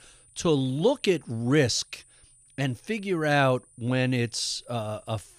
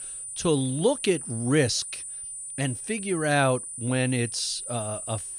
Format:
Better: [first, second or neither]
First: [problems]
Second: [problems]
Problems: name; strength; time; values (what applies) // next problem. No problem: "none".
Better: first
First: high-pitched whine; faint; throughout; 9.5 kHz, 30 dB below the speech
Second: high-pitched whine; loud; throughout; 9.5 kHz, 7 dB below the speech